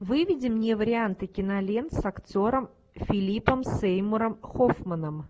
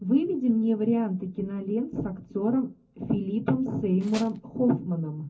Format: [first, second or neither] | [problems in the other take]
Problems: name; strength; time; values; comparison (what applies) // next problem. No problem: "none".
first | background sound (Tools); 16 dB below the speech // room echo; dies away in 0.3 s